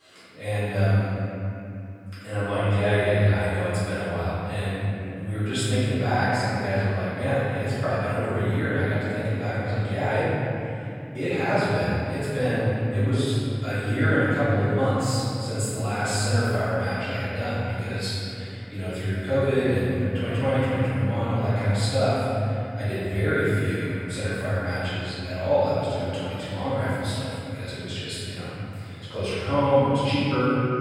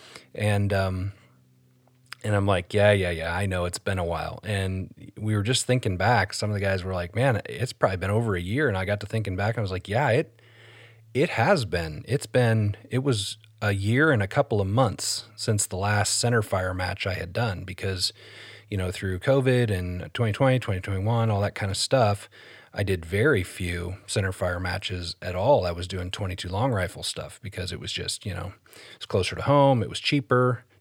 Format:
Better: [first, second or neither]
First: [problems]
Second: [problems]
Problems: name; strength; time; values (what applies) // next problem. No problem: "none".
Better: second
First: room echo; strong; dies away in 3 s // off-mic speech; far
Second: none